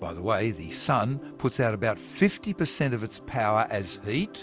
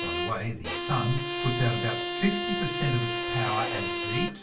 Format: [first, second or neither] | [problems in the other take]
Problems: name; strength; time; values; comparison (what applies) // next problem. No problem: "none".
first | background sound (Bowed string instrument); 1 dB below the speech // room echo; dies away in 0.3 s